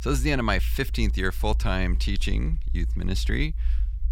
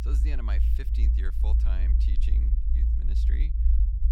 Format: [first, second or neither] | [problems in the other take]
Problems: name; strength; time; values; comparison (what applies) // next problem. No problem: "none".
first | low rumble; loud; throughout; as loud as the speech; faint in the first